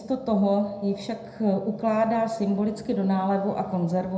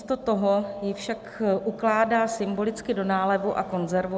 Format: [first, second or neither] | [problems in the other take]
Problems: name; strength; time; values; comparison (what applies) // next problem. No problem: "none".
second | room echo; dies away in 0.4 s